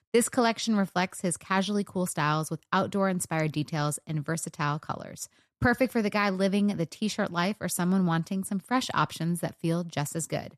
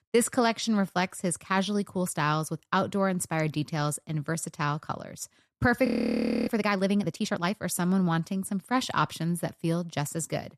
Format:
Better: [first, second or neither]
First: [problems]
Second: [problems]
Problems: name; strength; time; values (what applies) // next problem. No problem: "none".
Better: first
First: none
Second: audio freezing; at 6 s for 0.5 s